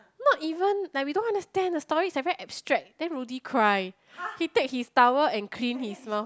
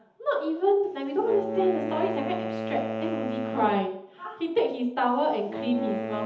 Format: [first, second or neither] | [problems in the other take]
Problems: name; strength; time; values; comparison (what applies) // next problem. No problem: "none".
first | background sound (Wind instrument, woodwind instrument); 7 dB below the speech // room echo; dies away in 0.8 s